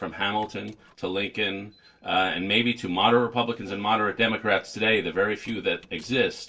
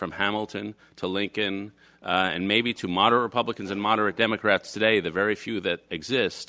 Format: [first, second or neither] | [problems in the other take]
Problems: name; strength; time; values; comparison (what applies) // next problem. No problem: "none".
second | noise reduction (neural separator model SepFormer DNS4)